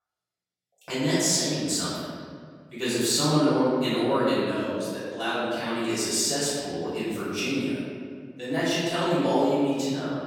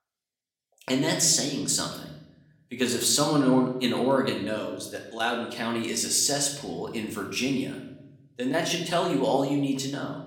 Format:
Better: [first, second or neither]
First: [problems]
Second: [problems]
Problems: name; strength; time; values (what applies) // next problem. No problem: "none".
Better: second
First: room echo; strong; dies away in 1.9 s // off-mic speech; far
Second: room echo; slight; dies away in 0.8 s // off-mic speech; somewhat distant